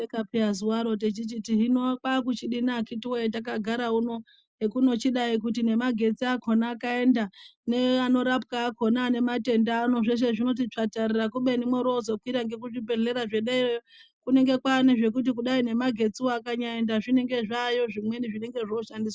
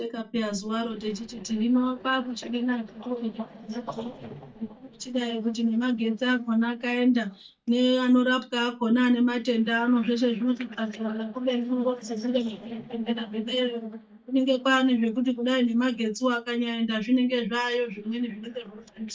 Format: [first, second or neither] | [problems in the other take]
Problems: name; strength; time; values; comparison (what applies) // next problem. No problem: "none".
first | noise reduction (neural mask model DeepFilterNet 3)